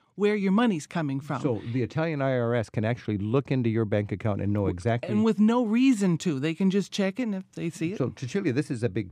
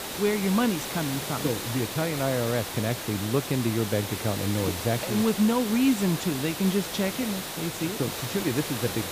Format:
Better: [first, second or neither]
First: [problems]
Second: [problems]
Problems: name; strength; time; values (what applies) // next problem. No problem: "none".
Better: first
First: none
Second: hiss; loud; throughout; 5 dB below the speech